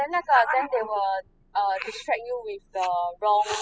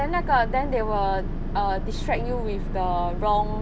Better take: second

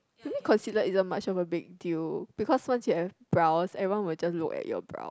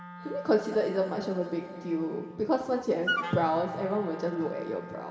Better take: first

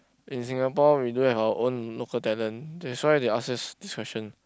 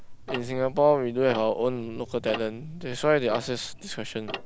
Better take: first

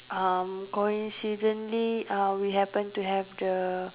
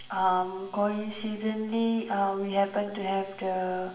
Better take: first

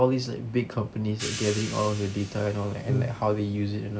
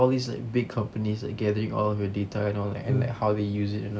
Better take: second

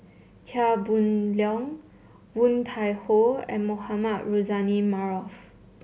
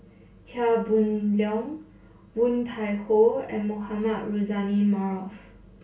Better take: first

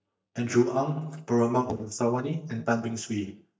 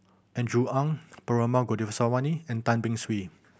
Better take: second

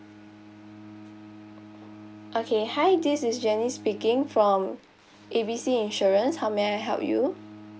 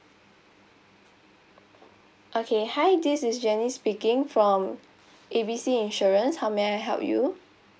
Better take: second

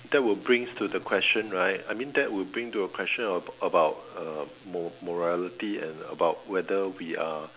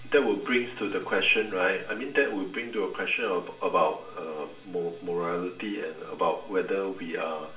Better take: first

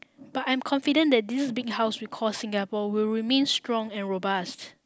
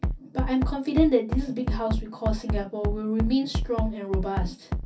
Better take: first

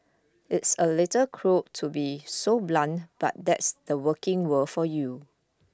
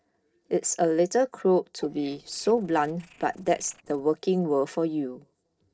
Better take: first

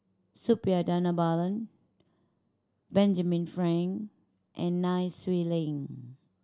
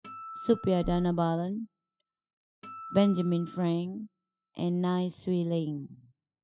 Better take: first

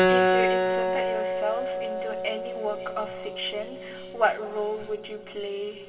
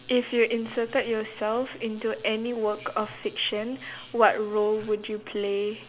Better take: second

